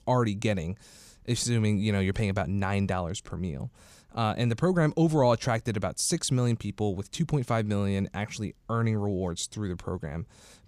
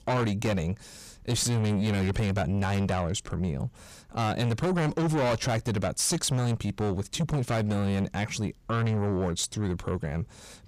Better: first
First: none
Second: distortion; heavy; 7 dB below the speech

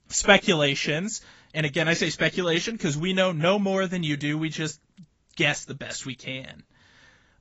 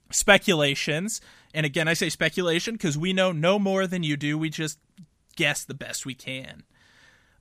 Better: second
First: garbled, watery; badly; nothing above 7.5 kHz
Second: none

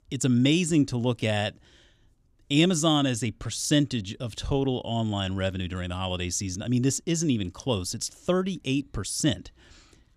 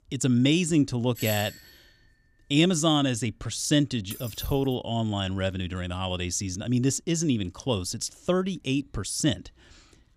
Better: first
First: none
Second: doorbell; noticeable; at 1 s; peak 8 dB below the speech // jangling keys; faint; at 4 s; peak 10 dB below the speech

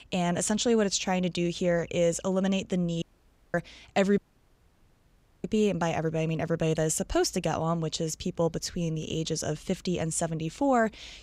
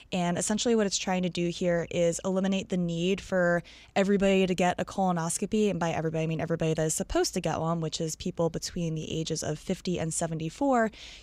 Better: second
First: audio cutting out; at 3 s for 0.5 s and at 4 s for 1.5 s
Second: none

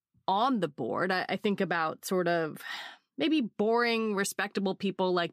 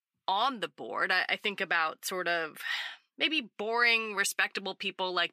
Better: first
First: none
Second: thin; somewhat; fading below 1 kHz

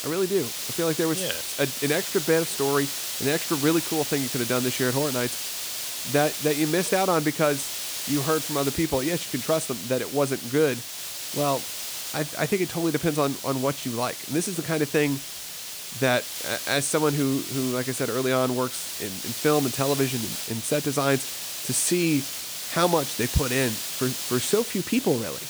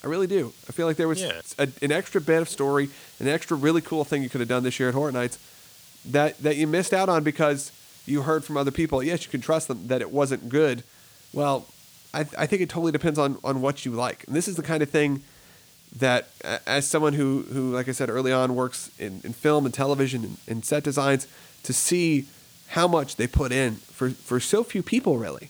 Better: second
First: hiss; loud; throughout; 4 dB below the speech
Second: hiss; faint; throughout; 25 dB below the speech

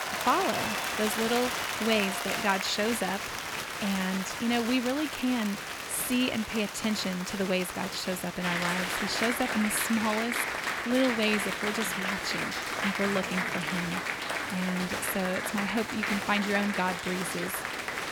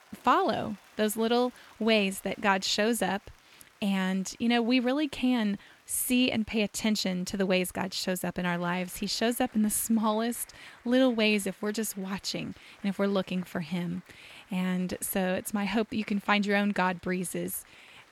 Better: second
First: crowd noise; loud; throughout; 1 dB below the speech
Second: crowd noise; faint; throughout; 30 dB below the speech

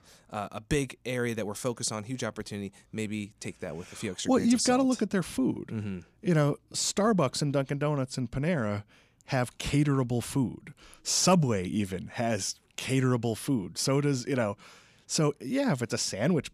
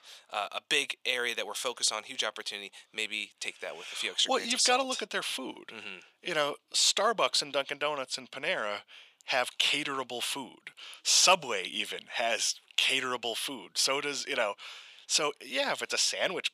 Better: first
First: none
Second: thin; very; fading below 750 Hz

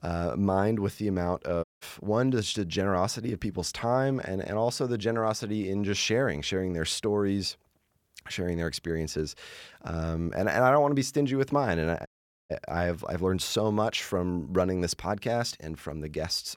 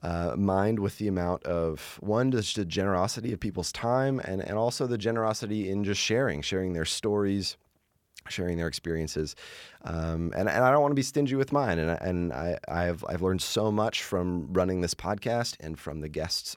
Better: second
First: audio cutting out; at 1.5 s and at 12 s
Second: none

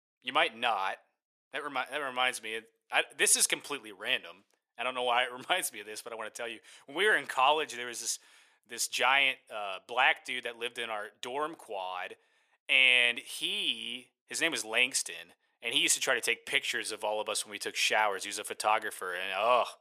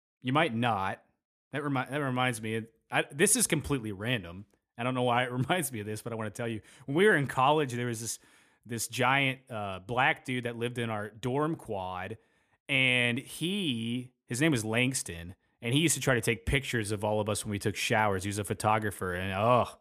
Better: second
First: thin; very; fading below 600 Hz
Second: none

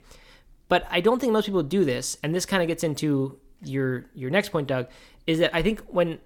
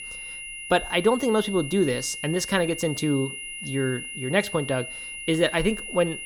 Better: first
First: none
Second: high-pitched whine; loud; throughout; 3 kHz, 9 dB below the speech

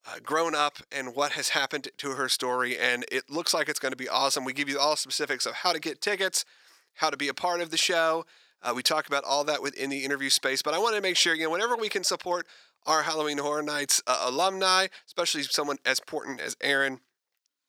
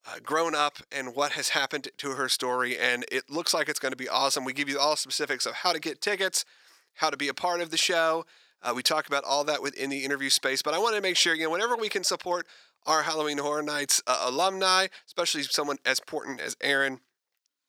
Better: neither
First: thin; somewhat; fading below 500 Hz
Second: thin; somewhat; fading below 500 Hz

